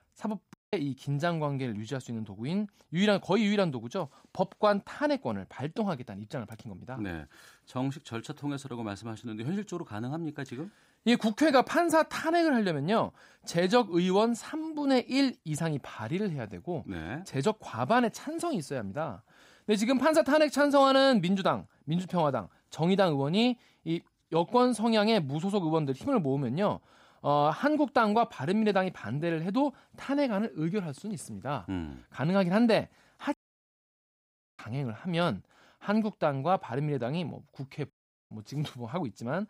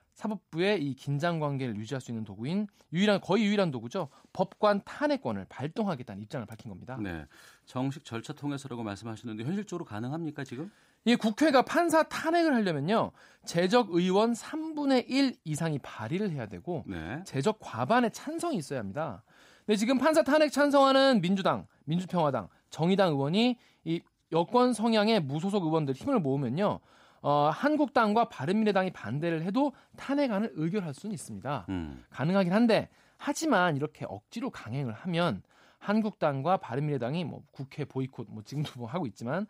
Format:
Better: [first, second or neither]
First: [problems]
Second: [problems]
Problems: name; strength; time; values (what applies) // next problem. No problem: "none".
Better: second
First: audio cutting out; at 0.5 s, at 33 s for 1.5 s and at 38 s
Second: none